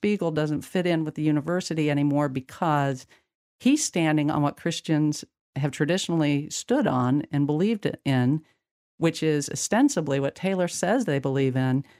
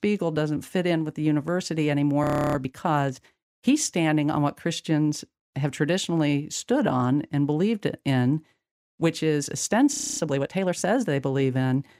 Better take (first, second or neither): first